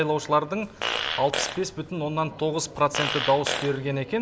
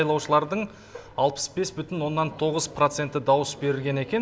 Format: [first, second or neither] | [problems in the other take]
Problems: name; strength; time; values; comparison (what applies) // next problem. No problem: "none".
second | background sound (Fart); 5 dB below the speech